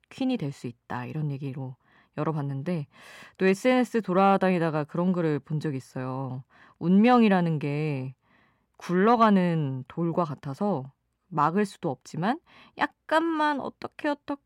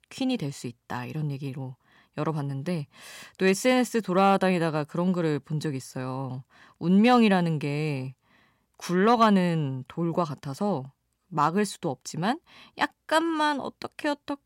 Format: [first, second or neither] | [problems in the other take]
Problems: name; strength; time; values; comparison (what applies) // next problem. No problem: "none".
second | muffled; slightly; fading above 3.5 kHz